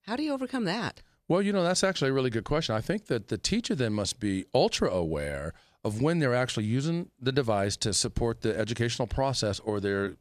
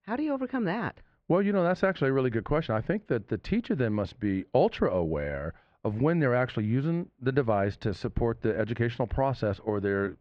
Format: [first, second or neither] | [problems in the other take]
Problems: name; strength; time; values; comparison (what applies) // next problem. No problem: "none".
first | muffled; very; fading above 2 kHz